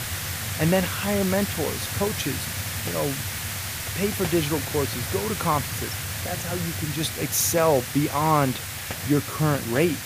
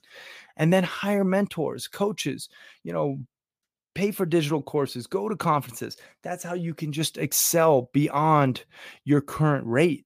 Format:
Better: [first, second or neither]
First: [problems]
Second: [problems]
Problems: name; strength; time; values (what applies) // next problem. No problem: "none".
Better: second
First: hiss; loud; throughout; 4 dB below the speech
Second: none